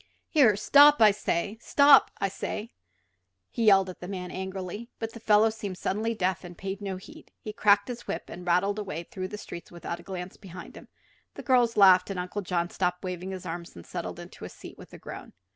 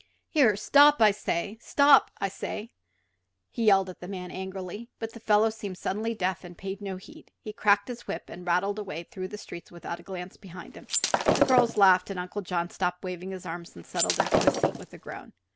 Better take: first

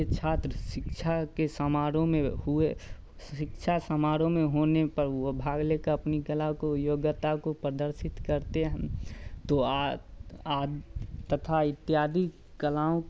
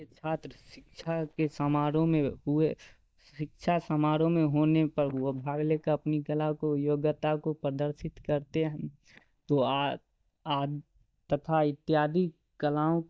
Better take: first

